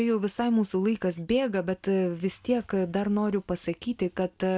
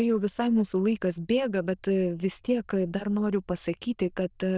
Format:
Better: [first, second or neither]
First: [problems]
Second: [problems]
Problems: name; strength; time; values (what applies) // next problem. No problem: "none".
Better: first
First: none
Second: noise reduction (neural diffusion model UNIVERSE++)